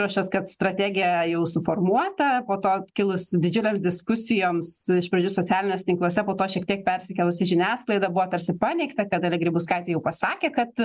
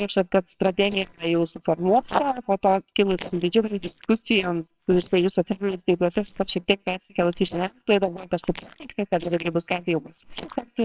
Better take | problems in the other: first | noise reduction (neural separator model SepFormer WHAMR!)

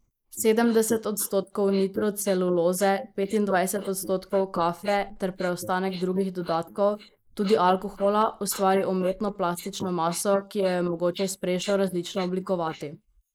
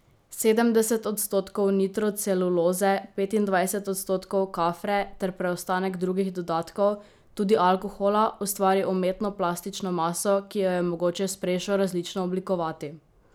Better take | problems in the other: second | noise reduction (neural mask model Resemble Enhance denoiser)

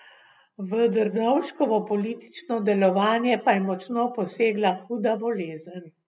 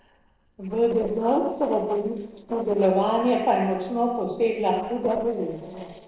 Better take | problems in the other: first | noise reduction (neural separator model SepFormer DNS4)

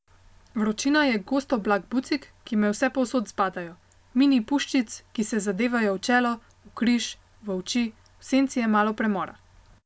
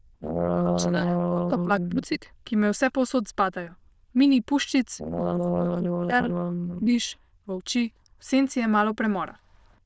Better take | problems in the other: first | noise reduction (neural diffusion model UNIVERSE++)

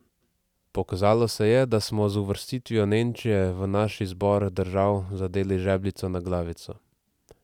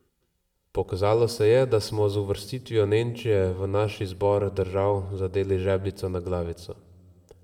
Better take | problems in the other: first | room echo; dies away in 0.7 s

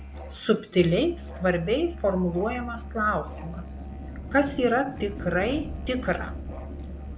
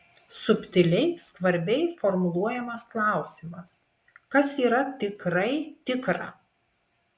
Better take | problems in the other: second | background sound (Musical instrument + Fire); 10 dB below the speech

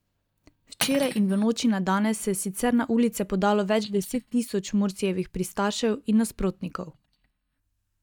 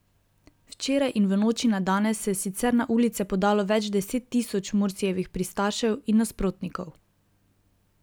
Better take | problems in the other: second | noise reduction (neural mask model DeepFilterNet 3)

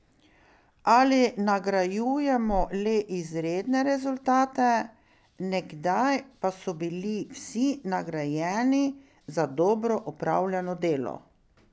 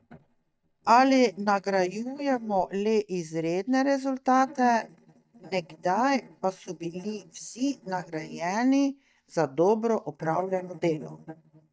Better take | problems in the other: first | noise reduction (neural mask model DeepFilterNet 3)

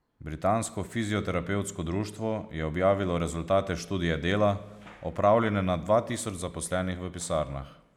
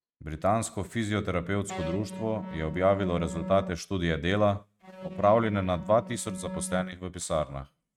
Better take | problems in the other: first | noise reduction (neural mask model RNNoise)

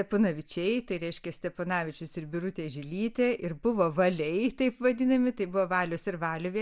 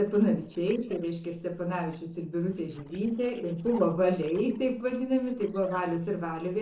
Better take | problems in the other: first | noise reduction (neural separator model SepFormer DNS4)

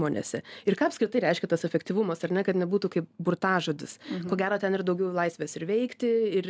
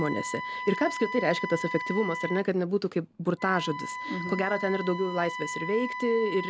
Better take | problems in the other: first | background sound (Wind instrument, woodwind instrument); 7 dB below the speech

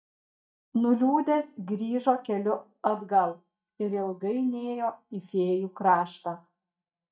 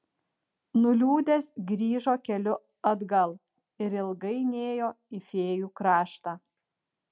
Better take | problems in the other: second | noise reduction (neural mask model DeepFilterNet 3)

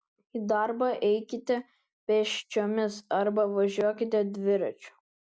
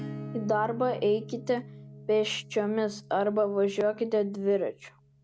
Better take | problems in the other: first | background sound (Acoustic guitar / Strum); 15 dB below the speech

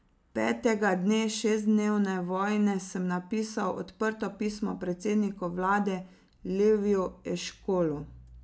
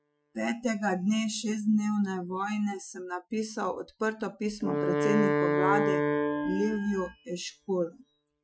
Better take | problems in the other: first | noise reduction (classical method Wiener filter)

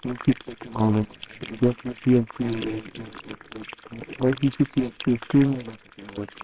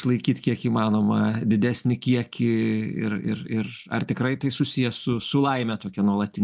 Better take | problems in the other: second | noise reduction (neural separator model SepFormer WHAMR!)

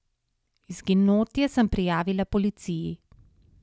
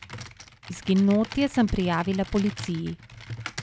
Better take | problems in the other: first | background sound (Computer keyboard); 14 dB below the speech

